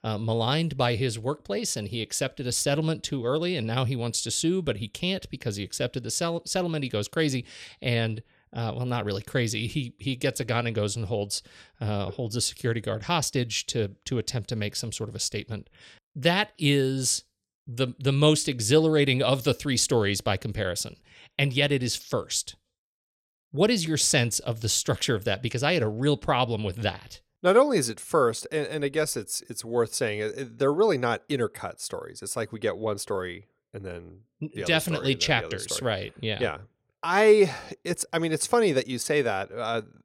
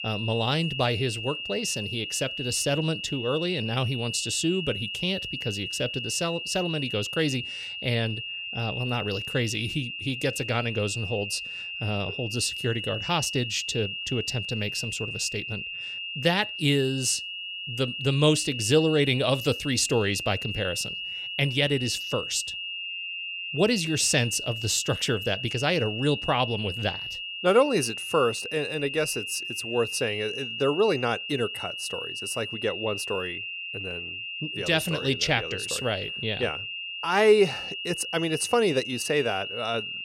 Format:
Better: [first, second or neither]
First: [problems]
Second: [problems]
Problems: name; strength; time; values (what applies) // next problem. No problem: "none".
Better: first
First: none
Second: high-pitched whine; loud; throughout; 3 kHz, 5 dB below the speech